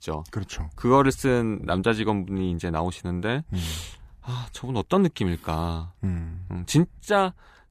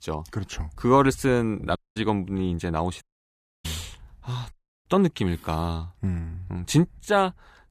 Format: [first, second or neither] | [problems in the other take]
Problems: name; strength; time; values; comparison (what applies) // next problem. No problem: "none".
first | audio cutting out; at 2 s, at 3 s for 0.5 s and at 4.5 s